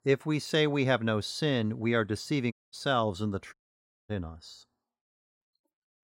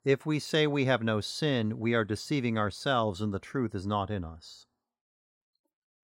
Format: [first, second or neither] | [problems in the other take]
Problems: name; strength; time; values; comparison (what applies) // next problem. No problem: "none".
second | audio cutting out; at 2.5 s and at 3.5 s for 0.5 s